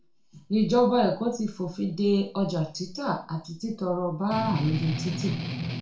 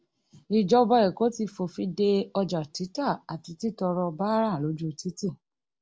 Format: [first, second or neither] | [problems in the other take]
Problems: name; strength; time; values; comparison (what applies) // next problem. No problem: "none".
second | background sound (Strum); 4 dB below the speech // room echo; dies away in 0.3 s